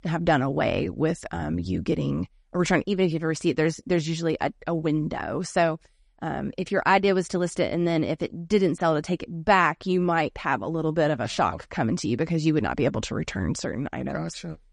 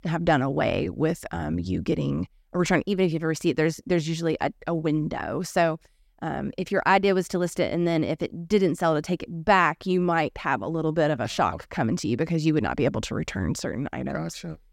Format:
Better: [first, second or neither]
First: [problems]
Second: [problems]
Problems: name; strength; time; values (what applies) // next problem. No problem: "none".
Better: second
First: garbled, watery; slightly; nothing above 10.5 kHz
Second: none